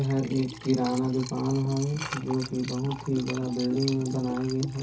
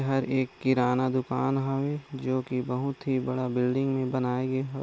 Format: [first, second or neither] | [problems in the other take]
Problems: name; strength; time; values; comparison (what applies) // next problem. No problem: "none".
second | background sound (Liquid); 12 dB below the speech // room echo; dies away in 0.3 s